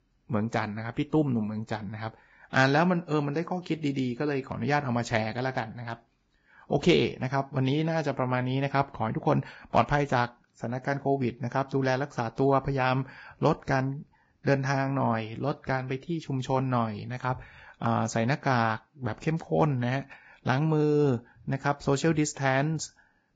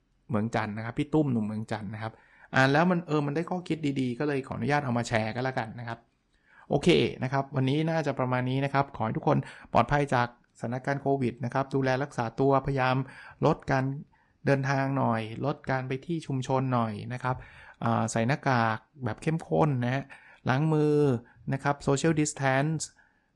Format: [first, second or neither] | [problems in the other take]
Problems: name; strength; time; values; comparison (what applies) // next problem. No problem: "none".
second | garbled, watery; badly; nothing above 7.5 kHz; slightly in the second